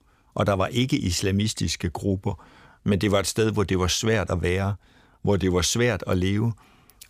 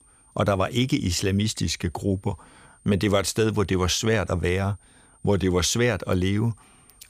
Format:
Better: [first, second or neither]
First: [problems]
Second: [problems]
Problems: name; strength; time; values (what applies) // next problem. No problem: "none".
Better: first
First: none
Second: high-pitched whine; faint; throughout; 9 kHz, 30 dB below the speech